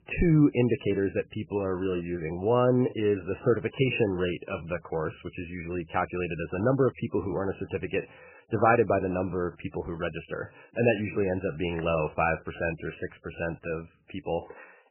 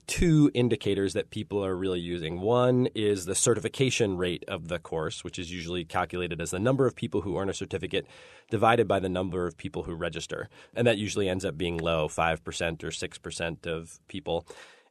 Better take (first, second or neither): second